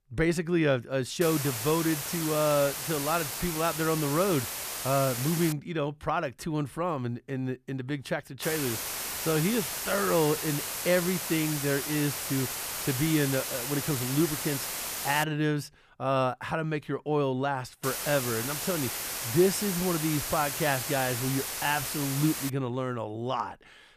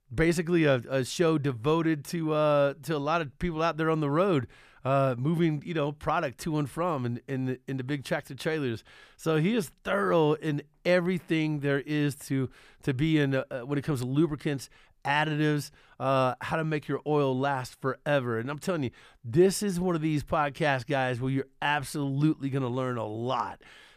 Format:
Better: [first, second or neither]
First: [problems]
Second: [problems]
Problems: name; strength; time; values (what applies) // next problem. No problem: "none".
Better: second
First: hiss; loud; from 1 to 5.5 s, from 8.5 to 15 s and from 18 to 23 s; 3 dB below the speech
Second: none